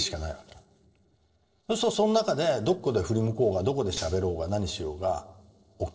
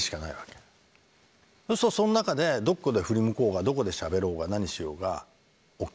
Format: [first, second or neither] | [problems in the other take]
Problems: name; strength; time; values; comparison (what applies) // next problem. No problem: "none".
second | noise reduction (neural separator model SepFormer DNS4)